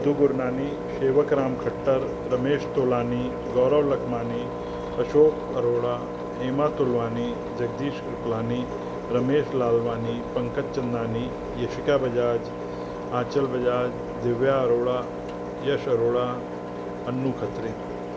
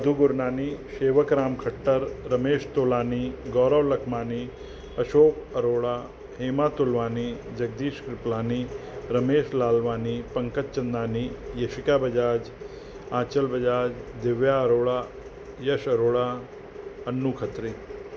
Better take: second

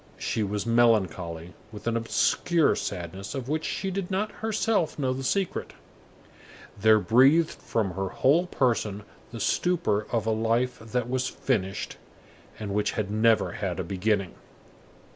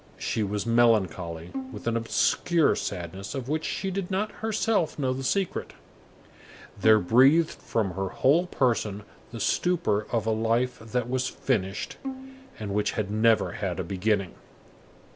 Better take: first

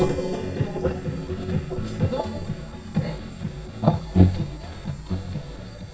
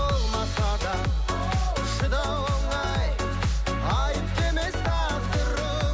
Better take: second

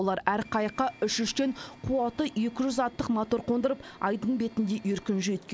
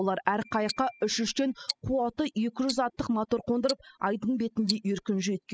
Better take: first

